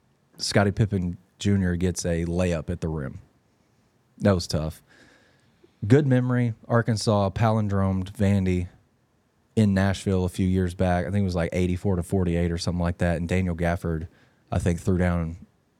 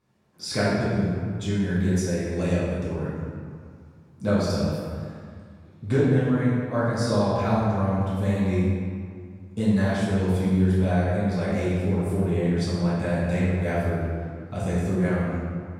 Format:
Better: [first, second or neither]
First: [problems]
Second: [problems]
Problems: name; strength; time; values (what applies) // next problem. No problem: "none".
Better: first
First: none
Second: room echo; strong; dies away in 1.8 s // off-mic speech; far